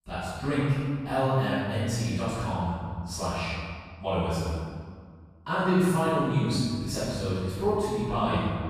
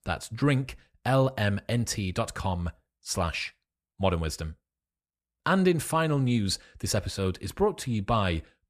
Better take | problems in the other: second | off-mic speech; far // room echo; strong; dies away in 1.7 s

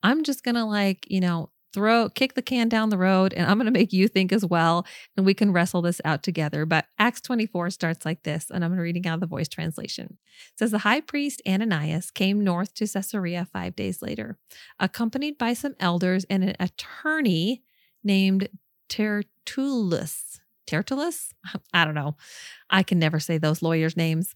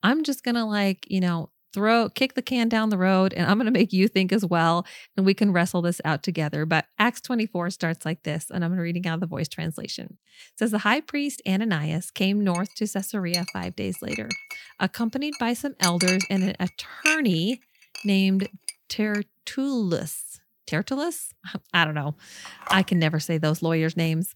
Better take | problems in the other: first | clattering dishes; loud; from 13 to 19 s; peak 2 dB above the speech // phone ringing; noticeable; from 22 s on; peak 7 dB below the speech

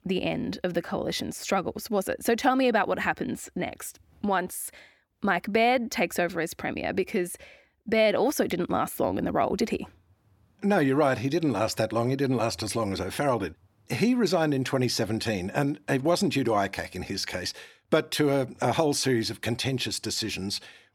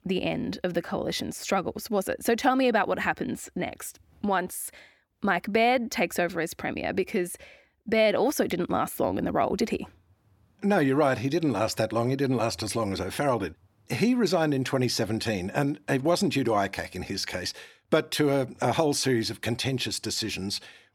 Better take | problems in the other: neither | none

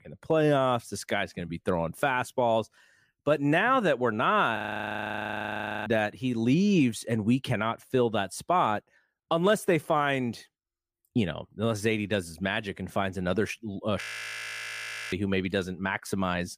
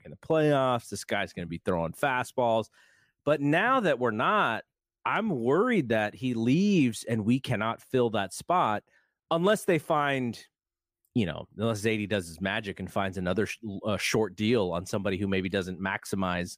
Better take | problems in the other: second | audio freezing; at 4.5 s for 1.5 s and at 14 s for 1 s

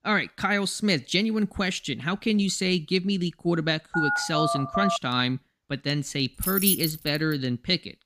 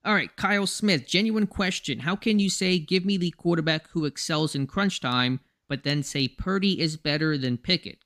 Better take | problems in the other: second | phone ringing; loud; from 4 to 5 s; peak level with the speech // jangling keys; loud; at 6.5 s; peak 3 dB above the speech

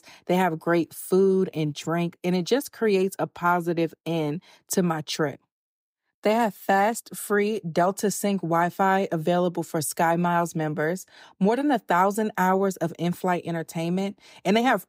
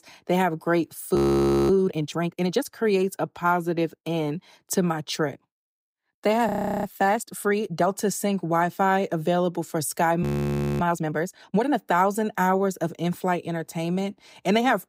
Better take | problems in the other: first | audio freezing; at 1 s for 0.5 s, at 6.5 s and at 10 s for 0.5 s

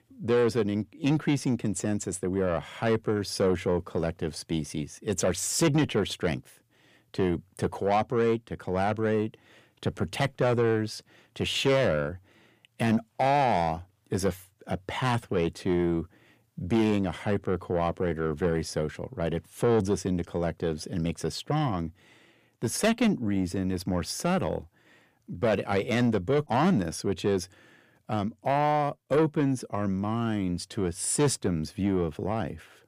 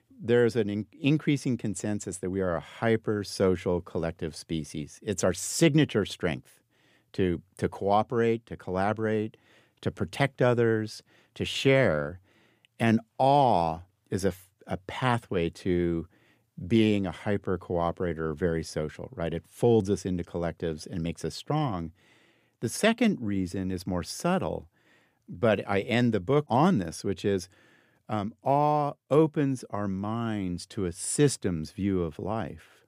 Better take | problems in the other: second | distortion; slight; 10 dB below the speech

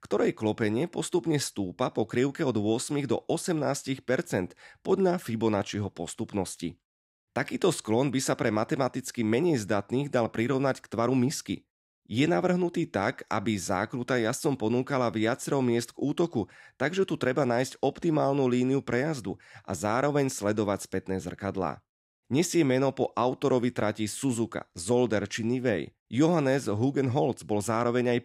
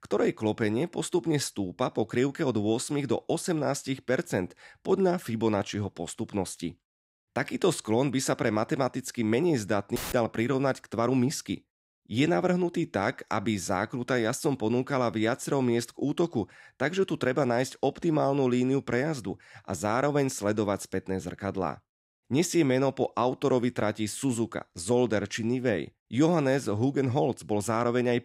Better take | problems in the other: first | audio cutting out; filled with static; at 10 s

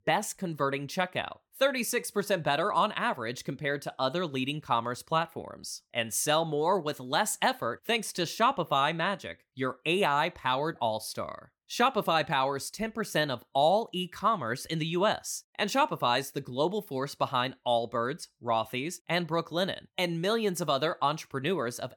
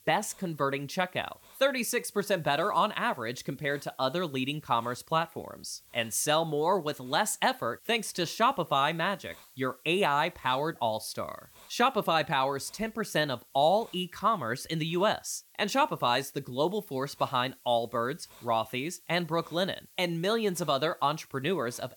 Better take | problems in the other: first | hiss; faint; throughout; 25 dB below the speech

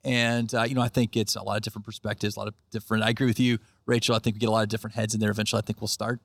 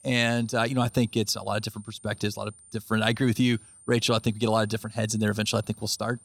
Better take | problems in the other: first | high-pitched whine; faint; throughout; 9 kHz, 25 dB below the speech

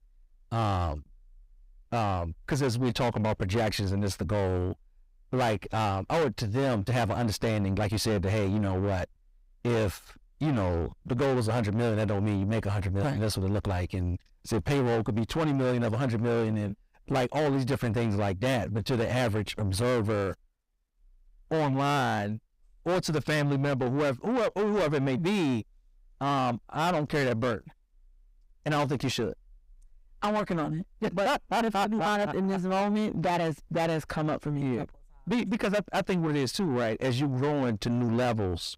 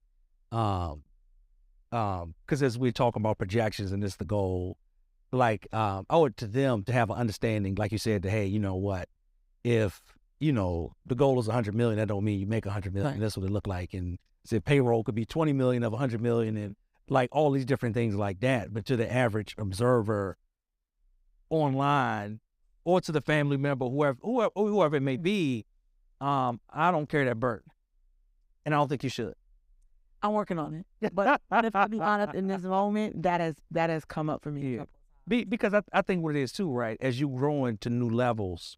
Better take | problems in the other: second | distortion; heavy; 6 dB below the speech

